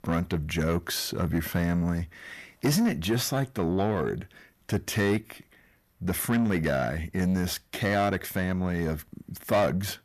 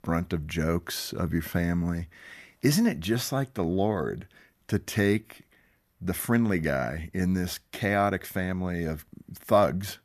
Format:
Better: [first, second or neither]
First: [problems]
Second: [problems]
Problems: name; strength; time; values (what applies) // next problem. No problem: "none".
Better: second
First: distortion; slight; 10 dB below the speech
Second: none